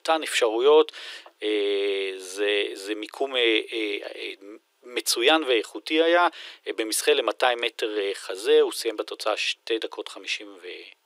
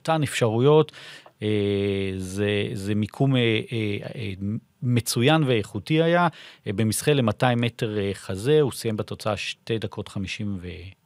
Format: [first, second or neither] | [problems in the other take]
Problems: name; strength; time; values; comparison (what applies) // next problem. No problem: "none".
second | thin; very; fading below 350 Hz